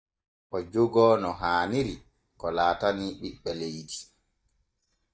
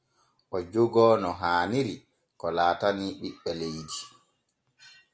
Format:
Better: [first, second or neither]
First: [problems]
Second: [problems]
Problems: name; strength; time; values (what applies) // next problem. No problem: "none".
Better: second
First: noise reduction (neural mask model DeepFilterNet 3)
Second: none